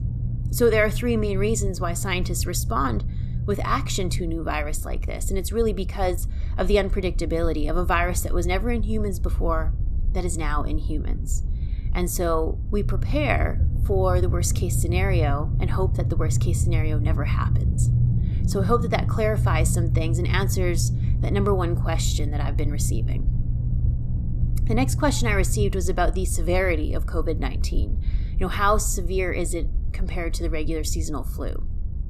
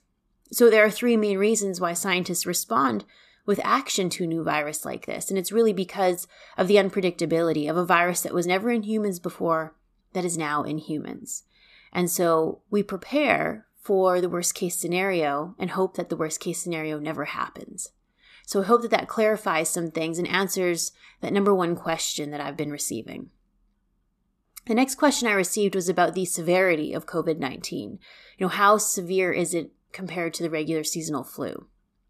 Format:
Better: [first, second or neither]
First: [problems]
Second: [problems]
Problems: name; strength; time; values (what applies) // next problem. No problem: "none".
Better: second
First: low rumble; noticeable; throughout; 15 dB below the speech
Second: none